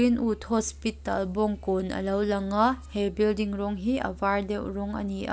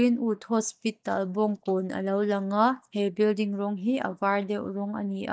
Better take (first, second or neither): first